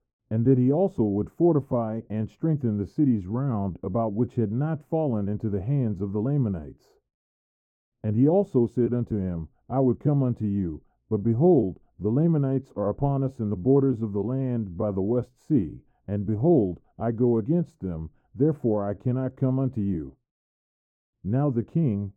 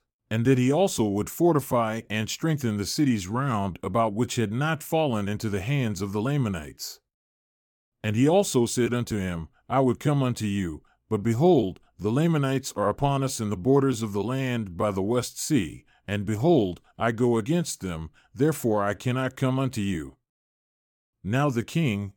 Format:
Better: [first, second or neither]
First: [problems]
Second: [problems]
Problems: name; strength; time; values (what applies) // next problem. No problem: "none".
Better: second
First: muffled; very; fading above 1.5 kHz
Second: none